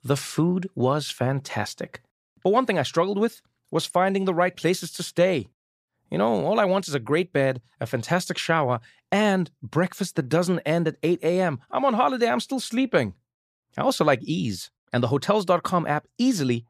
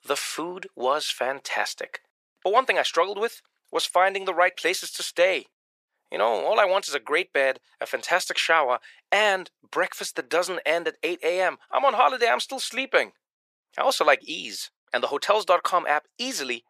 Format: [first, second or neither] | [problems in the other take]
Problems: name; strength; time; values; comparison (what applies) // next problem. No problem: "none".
first | thin; very; fading below 500 Hz